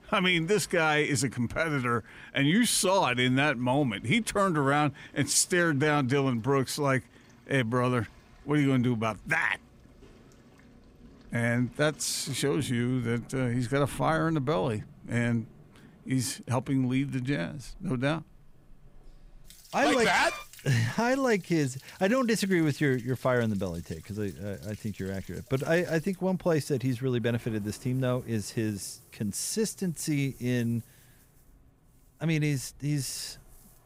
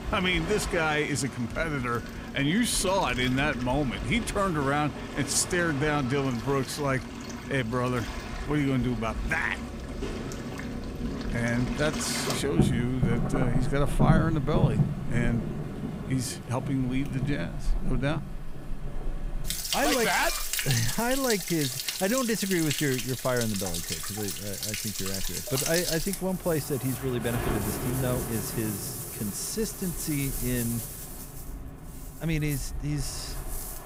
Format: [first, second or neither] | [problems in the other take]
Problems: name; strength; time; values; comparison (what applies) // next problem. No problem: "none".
first | rain or running water; loud; throughout; 4 dB below the speech; faint in the first